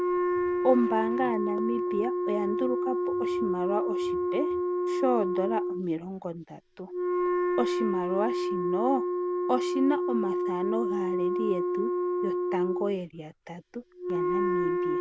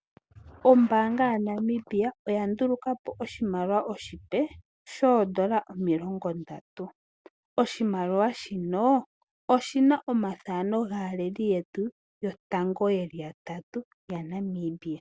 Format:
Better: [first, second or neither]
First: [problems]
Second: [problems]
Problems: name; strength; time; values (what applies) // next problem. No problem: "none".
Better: second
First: background sound (Wind instrument, woodwind instrument); 3 dB above the speech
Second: none